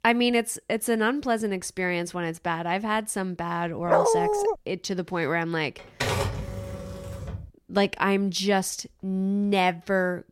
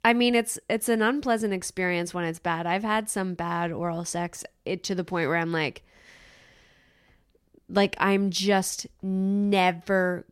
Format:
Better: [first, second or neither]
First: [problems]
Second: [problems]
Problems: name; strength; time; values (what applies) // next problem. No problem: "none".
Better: second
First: dog barking; loud; at 4 s; peak 5 dB above the speech // keyboard typing; noticeable; from 6 to 7.5 s; peak level with the speech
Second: none